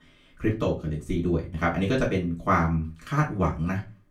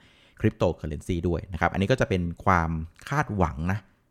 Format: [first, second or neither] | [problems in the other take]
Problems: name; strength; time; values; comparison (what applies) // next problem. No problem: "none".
second | off-mic speech; far // room echo; very slight; dies away in 0.2 s